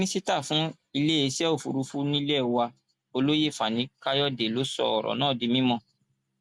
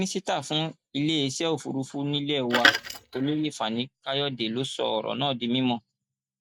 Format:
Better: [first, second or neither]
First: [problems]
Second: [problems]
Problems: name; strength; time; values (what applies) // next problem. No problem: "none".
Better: first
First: none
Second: noise reduction (neural mask model DeepFilterNet 3)